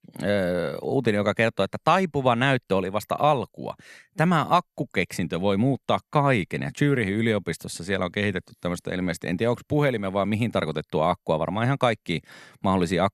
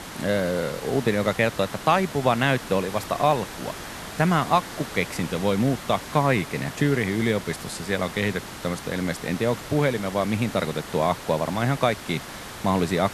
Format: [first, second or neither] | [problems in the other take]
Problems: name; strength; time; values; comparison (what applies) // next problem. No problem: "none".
first | hiss; noticeable; throughout; 10 dB below the speech